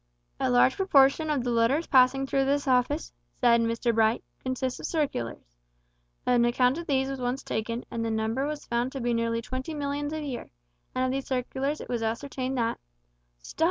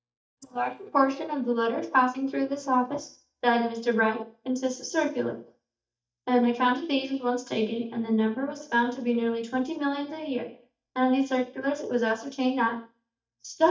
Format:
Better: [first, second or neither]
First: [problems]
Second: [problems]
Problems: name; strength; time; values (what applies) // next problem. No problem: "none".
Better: first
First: none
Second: noise reduction (neural mask model DeepFilterNet 3)